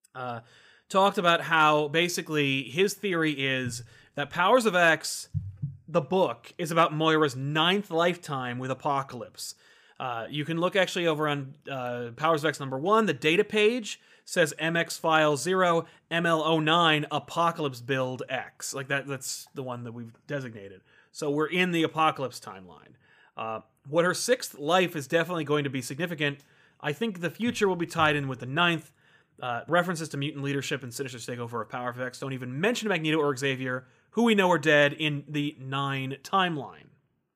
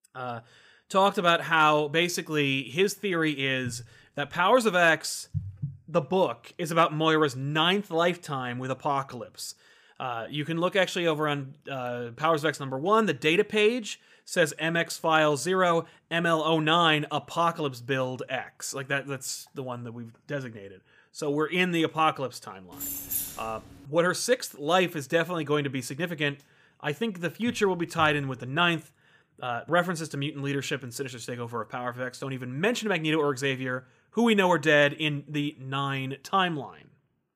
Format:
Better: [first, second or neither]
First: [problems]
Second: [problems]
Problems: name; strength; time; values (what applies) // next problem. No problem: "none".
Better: first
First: none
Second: jangling keys; noticeable; from 23 to 24 s; peak 3 dB below the speech